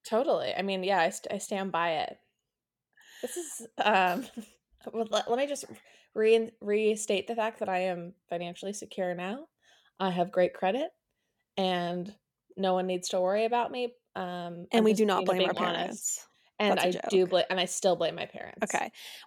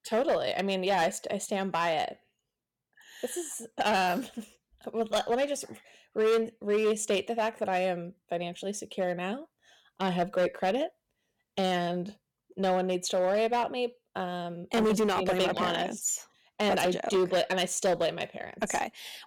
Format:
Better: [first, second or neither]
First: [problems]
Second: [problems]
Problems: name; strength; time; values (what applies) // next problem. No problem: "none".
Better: first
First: none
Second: distortion; slight; 6% of the sound clipped